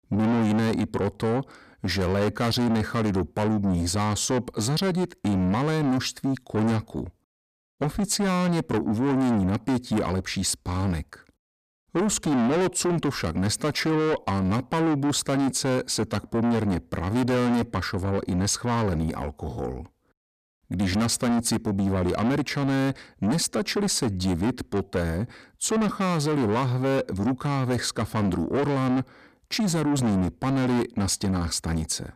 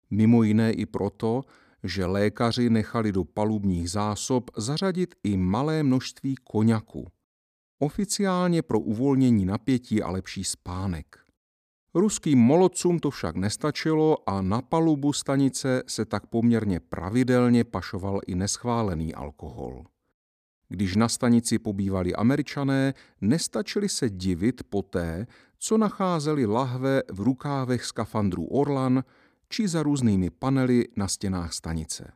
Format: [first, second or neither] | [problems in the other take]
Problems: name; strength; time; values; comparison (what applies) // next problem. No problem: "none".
second | distortion; heavy; 6 dB below the speech